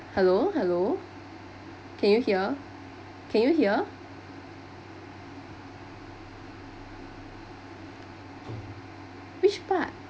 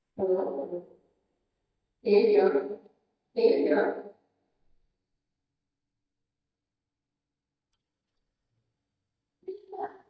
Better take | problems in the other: first | noise reduction (neural mask model DeepFilterNet 3)

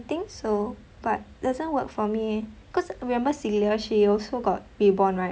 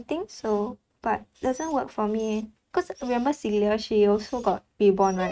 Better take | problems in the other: first | noise reduction (neural mask model RNNoise)

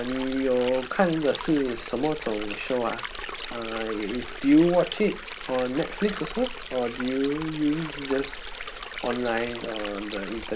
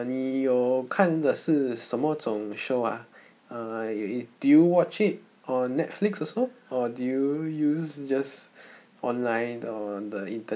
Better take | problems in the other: second | background sound (Stream); 10 dB below the speech

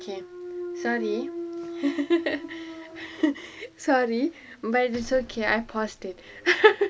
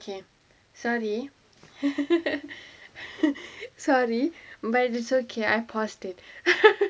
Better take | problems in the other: second | background sound (Thump, thud); 12 dB below the speech

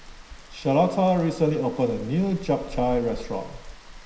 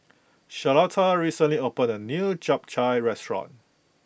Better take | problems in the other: second | background sound (Rain); 15 dB below the speech // room echo; dies away in 0.9 s

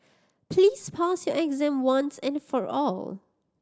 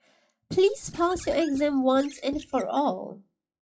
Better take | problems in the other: first | noise reduction (classical method WPE with log-MMSE)

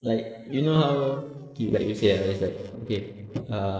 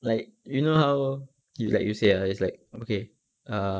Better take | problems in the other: second | noise reduction (neural separator model SepFormer DNS4)

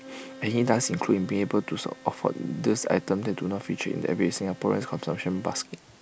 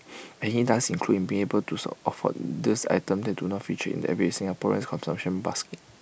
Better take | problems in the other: second | background sound (Bowed string instrument); 20 dB below the speech

